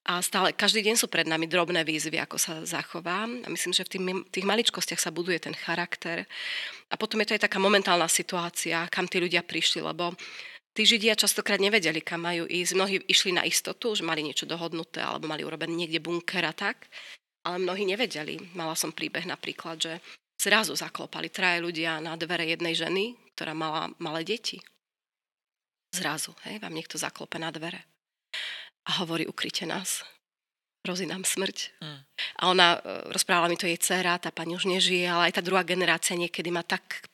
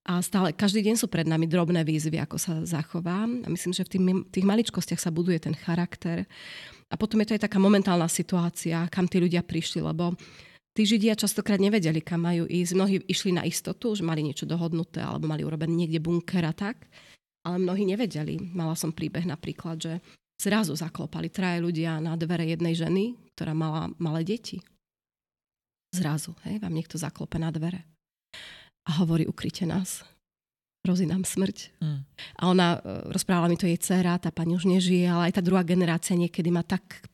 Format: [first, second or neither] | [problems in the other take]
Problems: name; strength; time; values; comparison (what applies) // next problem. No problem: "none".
second | thin; very; fading below 450 Hz